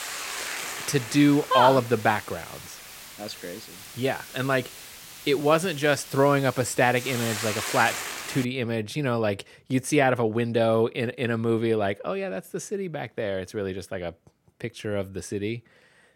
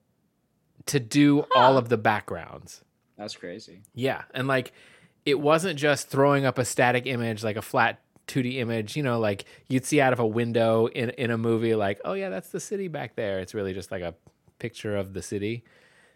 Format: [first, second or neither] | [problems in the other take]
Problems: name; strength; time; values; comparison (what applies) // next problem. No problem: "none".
second | hiss; noticeable; until 8.5 s; 10 dB below the speech